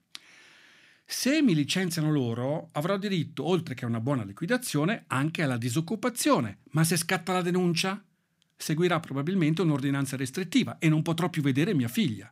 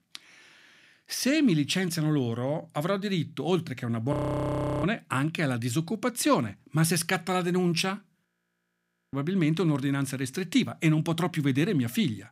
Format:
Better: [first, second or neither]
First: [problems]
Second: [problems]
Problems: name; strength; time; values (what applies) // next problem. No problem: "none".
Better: first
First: none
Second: audio freezing; at 4 s for 0.5 s and at 8.5 s for 1 s